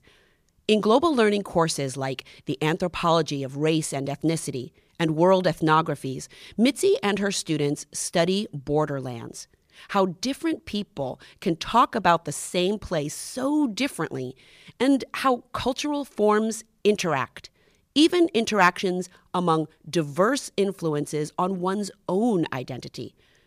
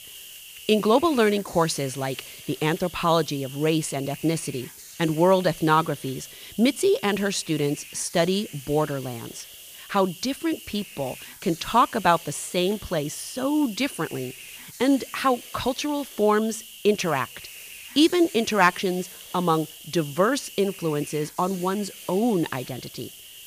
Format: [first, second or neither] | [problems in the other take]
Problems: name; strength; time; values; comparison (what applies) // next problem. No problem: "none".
first | hiss; noticeable; throughout; 15 dB below the speech